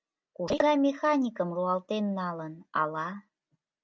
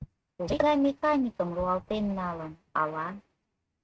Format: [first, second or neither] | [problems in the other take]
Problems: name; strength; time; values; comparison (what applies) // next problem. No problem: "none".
first | noise reduction (neural mask model RNNoise)